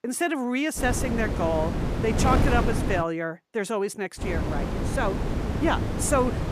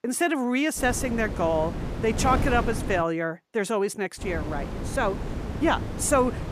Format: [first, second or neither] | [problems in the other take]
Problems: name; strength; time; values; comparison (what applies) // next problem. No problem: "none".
second | wind noise on the microphone; heavy; from 1 to 3 s and from 4 s on; 5 dB below the speech; occasional gusts in the second